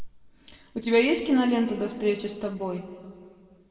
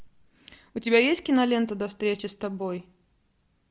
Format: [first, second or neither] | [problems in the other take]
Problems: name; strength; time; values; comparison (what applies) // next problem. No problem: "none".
second | room echo; dies away in 1.6 s